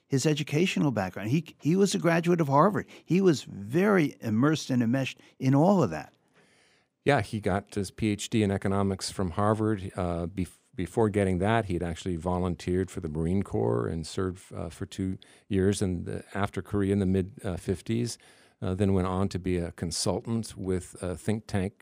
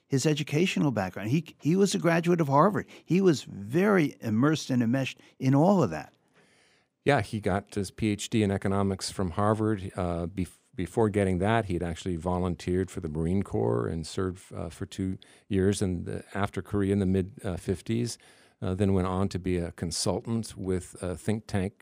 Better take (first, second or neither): neither